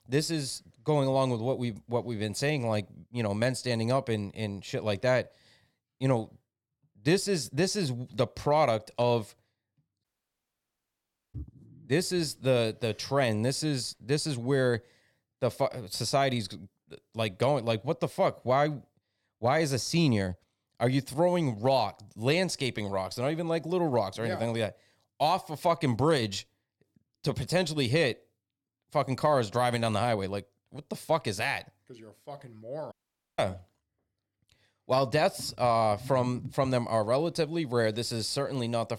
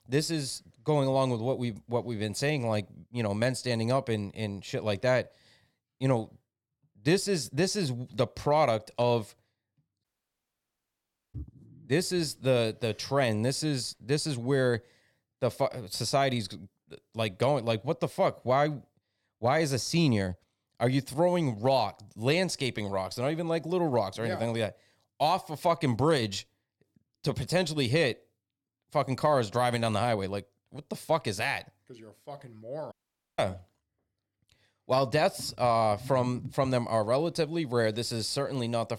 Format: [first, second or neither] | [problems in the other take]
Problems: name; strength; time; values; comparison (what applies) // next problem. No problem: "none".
neither | audio cutting out; at 10 s for 1.5 s and at 33 s; the same in both